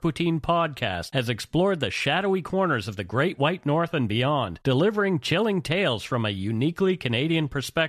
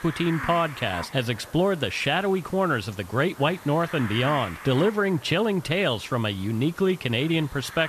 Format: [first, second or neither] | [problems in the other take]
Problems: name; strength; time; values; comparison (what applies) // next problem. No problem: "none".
first | hiss; noticeable; throughout; 15 dB below the speech